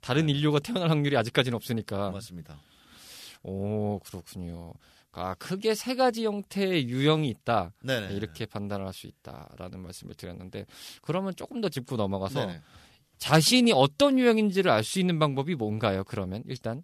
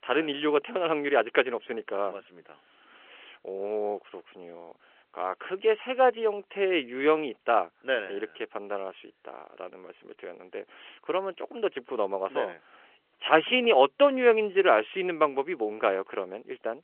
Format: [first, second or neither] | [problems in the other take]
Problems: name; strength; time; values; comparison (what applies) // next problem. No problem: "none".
first | phone-call audio; nothing above 3 kHz